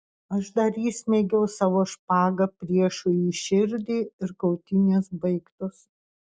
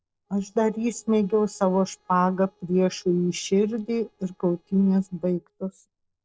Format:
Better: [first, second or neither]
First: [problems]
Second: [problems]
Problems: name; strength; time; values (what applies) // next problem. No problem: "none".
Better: first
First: none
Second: noise reduction (neural separator model SepFormer DNS4)